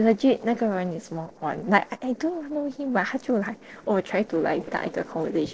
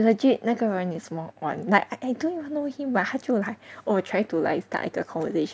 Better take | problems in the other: second | noise reduction (neural separator model SepFormer DNS4)

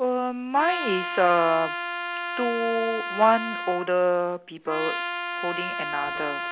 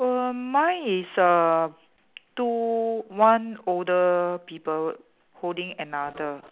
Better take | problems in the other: second | background sound (Trumpet); 6 dB below the speech

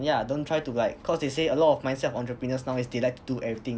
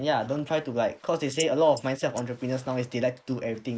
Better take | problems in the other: first | noise reduction (neural mask model Resemble Enhance denoiser)

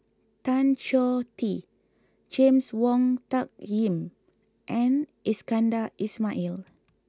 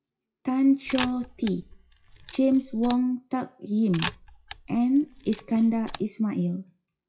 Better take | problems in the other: first | noise reduction (classical method WPE with log-MMSE)

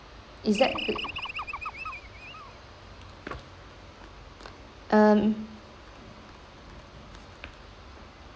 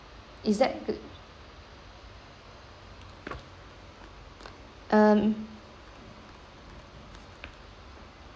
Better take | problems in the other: second | background sound (Animal); 6 dB below the speech

